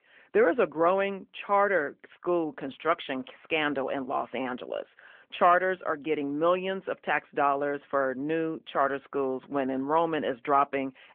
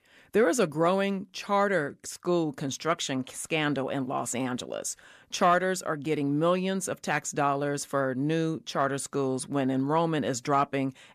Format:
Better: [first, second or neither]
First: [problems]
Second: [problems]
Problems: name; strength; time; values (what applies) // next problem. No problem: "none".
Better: second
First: phone-call audio; nothing above 3.5 kHz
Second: none